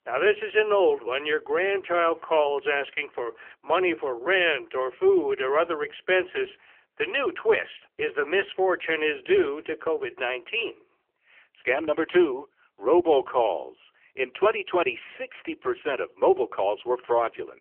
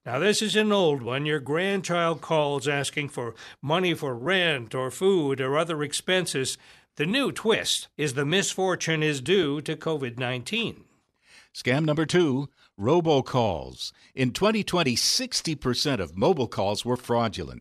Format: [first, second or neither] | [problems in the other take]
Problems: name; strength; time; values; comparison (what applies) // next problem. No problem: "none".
second | phone-call audio; poor line; nothing above 3 kHz